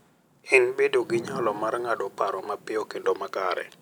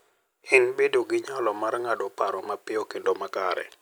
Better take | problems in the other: second | background sound (Thunder / Rain); 19 dB below the speech

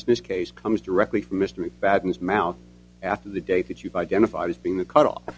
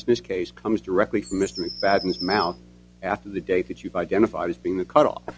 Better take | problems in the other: first | background sound (Bird vocalization, bird call, bird song); 14 dB below the speech

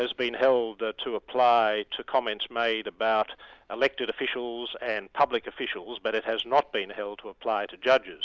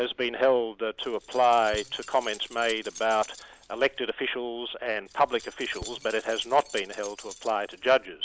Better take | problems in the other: first | background sound (Keys jangling); 18 dB below the speech

